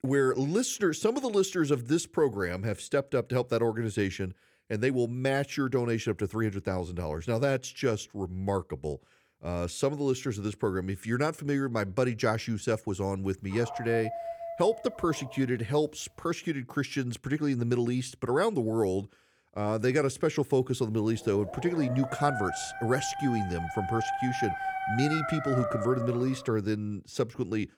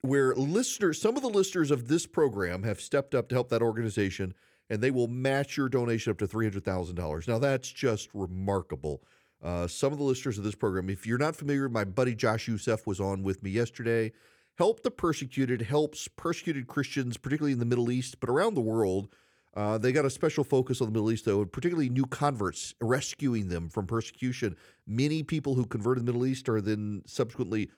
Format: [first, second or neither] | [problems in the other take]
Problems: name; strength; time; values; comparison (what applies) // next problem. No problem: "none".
second | dog barking; noticeable; from 14 to 15 s and from 21 to 26 s; peak 2 dB below the speech